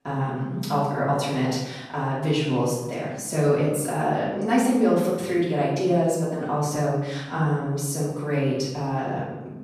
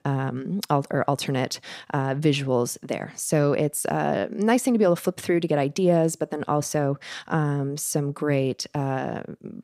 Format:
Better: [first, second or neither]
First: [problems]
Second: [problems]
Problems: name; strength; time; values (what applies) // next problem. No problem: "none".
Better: second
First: off-mic speech; far // room echo; noticeable; dies away in 0.9 s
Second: none